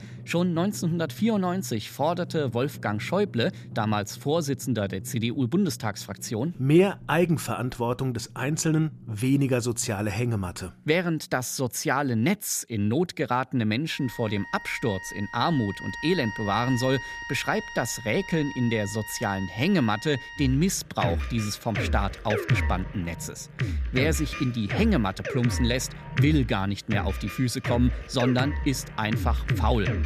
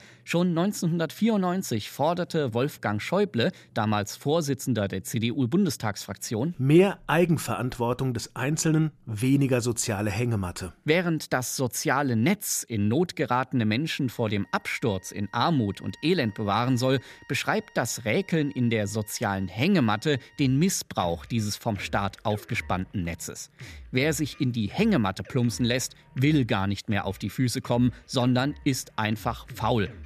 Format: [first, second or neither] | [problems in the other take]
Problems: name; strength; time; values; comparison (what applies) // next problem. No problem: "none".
second | background music; loud; throughout; 7 dB below the speech; faint in the second